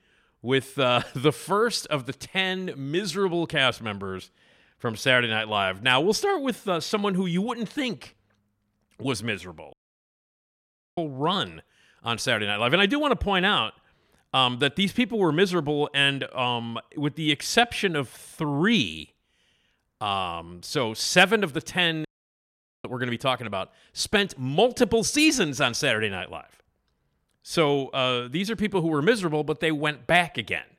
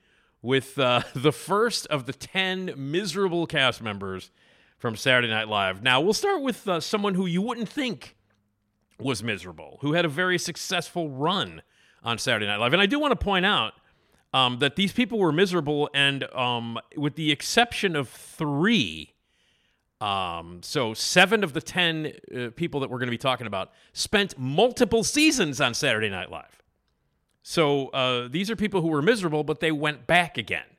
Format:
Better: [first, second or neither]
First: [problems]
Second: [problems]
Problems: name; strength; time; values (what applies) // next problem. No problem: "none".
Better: second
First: audio cutting out; at 9.5 s for 1 s and at 22 s for 1 s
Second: none